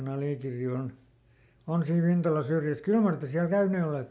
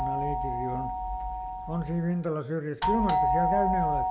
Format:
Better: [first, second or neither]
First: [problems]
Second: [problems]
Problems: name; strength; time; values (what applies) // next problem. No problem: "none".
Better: first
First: none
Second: background sound (Doorbell); 3 dB above the speech